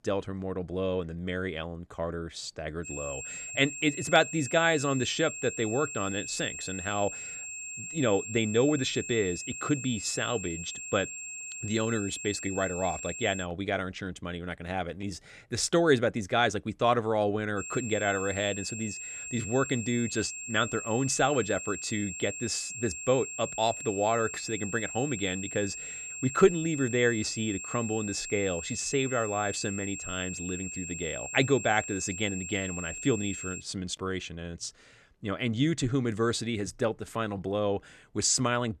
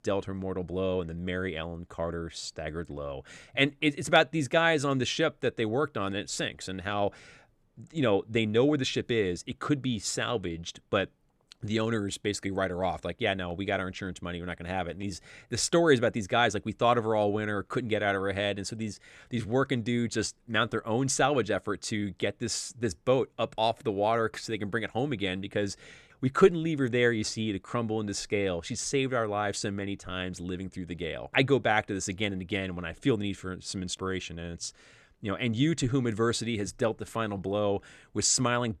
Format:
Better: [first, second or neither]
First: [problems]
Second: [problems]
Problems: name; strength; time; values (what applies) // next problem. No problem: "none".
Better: second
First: high-pitched whine; loud; from 3 to 13 s and from 18 to 34 s; 7.5 kHz, 7 dB below the speech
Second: none